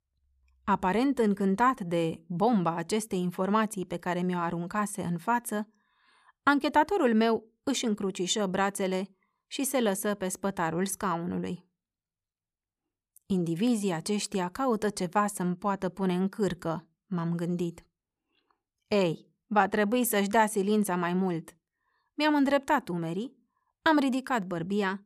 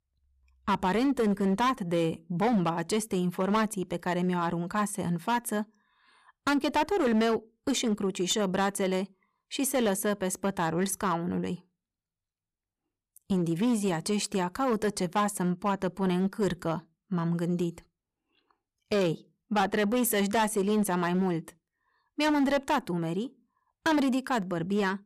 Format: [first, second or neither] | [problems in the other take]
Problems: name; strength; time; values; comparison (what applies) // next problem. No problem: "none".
first | distortion; slight; 7% of the sound clipped